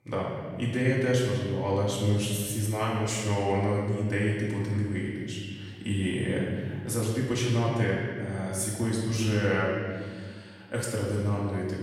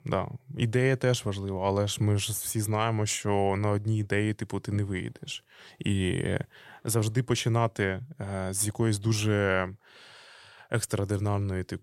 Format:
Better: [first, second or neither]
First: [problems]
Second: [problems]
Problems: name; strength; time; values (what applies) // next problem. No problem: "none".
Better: second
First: off-mic speech; far // room echo; noticeable; dies away in 1.8 s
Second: none